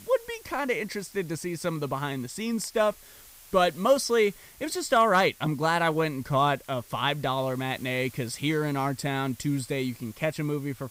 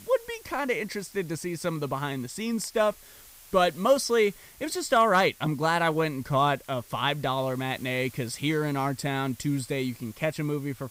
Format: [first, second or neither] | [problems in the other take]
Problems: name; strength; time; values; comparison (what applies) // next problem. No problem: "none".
neither | hiss; faint; throughout; 20 dB below the speech; the same in both